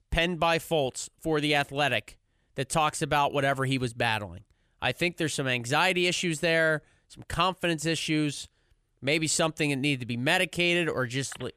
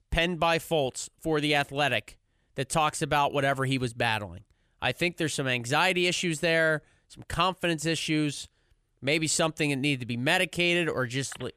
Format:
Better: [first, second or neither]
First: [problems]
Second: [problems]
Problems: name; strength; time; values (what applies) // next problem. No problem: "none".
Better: neither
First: none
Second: none